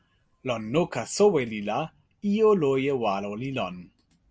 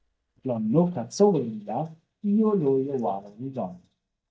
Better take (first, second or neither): first